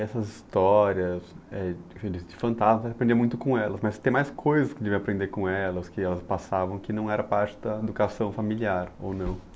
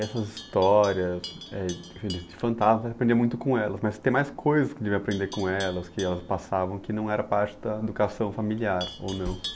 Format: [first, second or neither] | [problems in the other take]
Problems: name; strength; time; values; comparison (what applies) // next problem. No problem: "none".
first | background sound (Livestock, farm animals, working animals); 19 dB below the speech